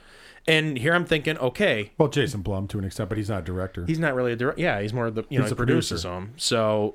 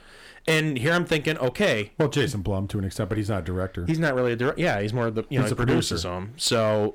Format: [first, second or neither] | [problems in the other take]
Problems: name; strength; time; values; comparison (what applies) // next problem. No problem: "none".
first | distortion; slight; 4% of the sound clipped